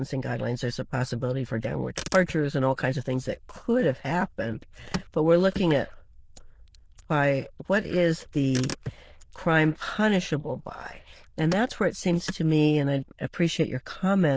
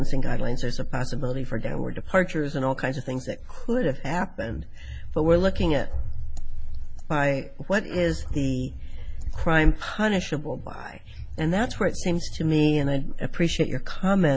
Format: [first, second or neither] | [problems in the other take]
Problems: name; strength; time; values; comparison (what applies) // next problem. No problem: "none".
second | noise reduction (neural diffusion model UNIVERSE++)